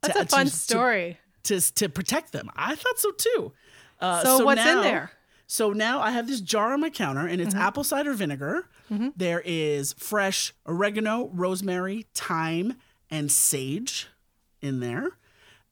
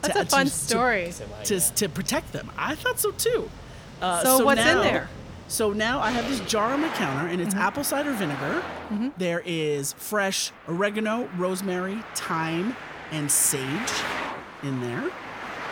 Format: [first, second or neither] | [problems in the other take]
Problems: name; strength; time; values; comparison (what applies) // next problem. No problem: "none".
first | traffic noise; noticeable; throughout; 10 dB below the speech